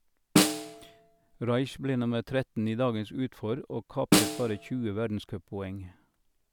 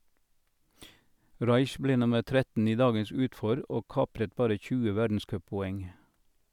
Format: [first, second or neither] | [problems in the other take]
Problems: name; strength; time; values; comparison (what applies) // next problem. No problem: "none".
second | background sound (Snare drum); 2 dB above the speech